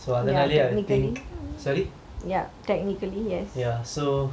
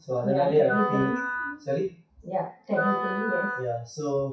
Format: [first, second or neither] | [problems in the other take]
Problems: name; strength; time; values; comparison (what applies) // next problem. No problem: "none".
first | noise reduction (classical method WPE with log-MMSE)